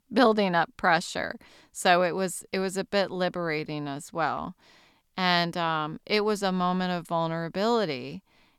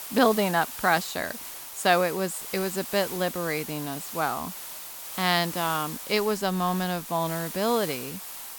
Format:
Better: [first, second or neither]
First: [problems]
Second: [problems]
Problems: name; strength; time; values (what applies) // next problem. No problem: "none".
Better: first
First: none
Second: hiss; loud; throughout; 8 dB below the speech